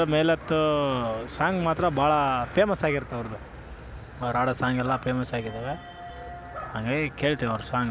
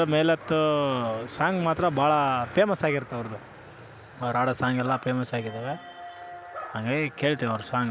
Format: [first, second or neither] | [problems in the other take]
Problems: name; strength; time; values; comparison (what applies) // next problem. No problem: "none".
second | background sound (Aircraft); 17 dB below the speech